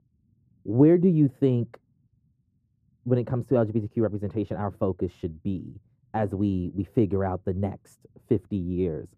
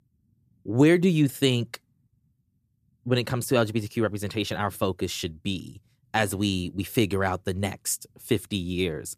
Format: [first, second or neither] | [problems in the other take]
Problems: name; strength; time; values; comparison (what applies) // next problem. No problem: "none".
second | muffled; very; fading above 1.5 kHz